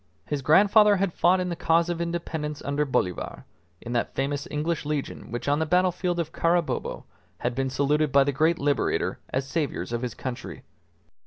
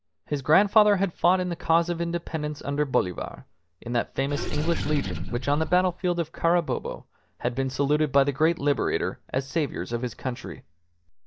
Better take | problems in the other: first | noise reduction (neural mask model DeepFilterNet 3)

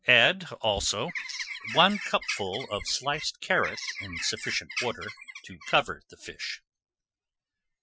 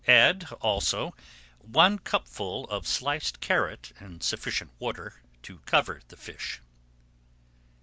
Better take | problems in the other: second | noise reduction (classical method Wiener filter)

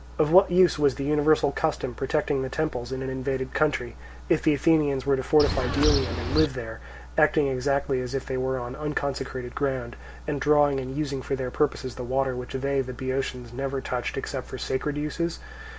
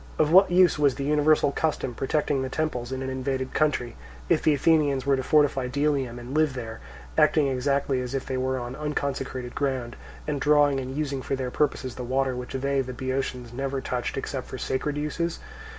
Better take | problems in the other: second | background sound (Bird); 1 dB below the speech

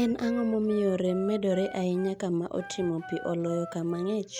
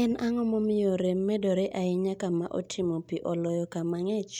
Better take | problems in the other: second | background sound (Wind instrument, woodwind instrument); 15 dB below the speech

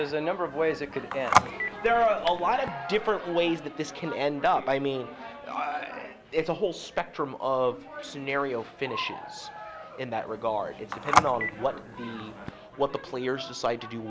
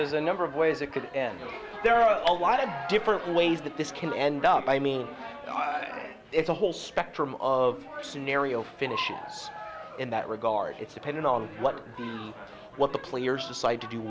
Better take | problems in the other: second | background sound (Telephone); 1 dB below the speech

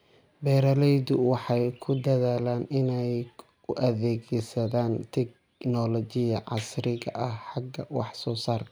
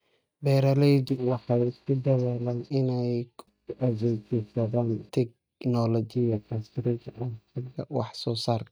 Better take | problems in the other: first | noise reduction (neural mask model DeepFilterNet 3)

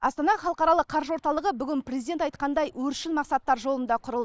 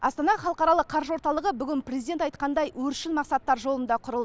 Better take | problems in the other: second | noise reduction (neural mask model Resemble Enhance denoiser)

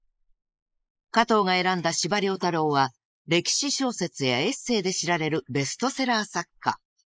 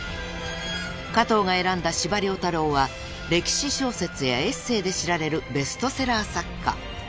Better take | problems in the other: second | noise reduction (neural mask model Resemble Enhance denoiser)

